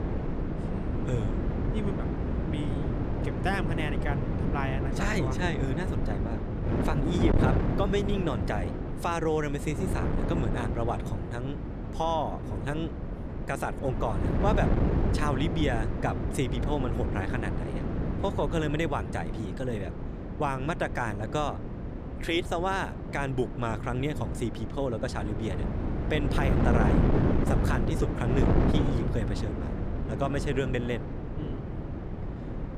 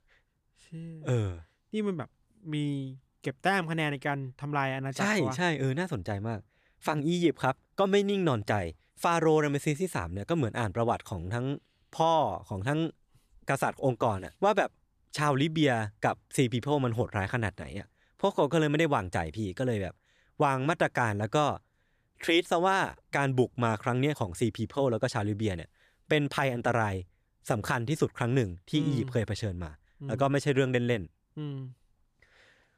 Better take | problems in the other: second | wind noise on the microphone; heavy; 4 dB below the speech

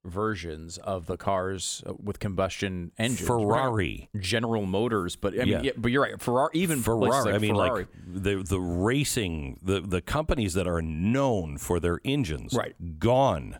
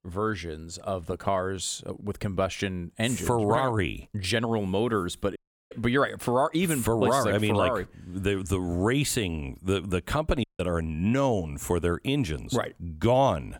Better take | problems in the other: first | audio cutting out; at 5.5 s and at 10 s

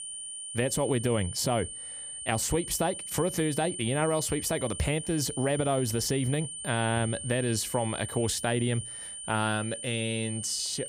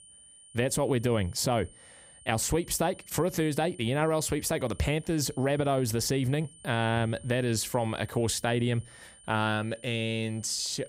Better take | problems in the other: second | high-pitched whine; loud; throughout; 9 kHz, 7 dB below the speech; faint in the second

